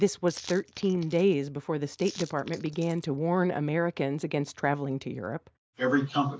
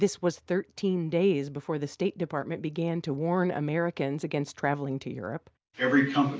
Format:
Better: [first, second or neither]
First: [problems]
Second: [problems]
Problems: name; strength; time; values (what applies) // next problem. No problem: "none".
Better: second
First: noise reduction (neural mask model Resemble Enhance denoiser)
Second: none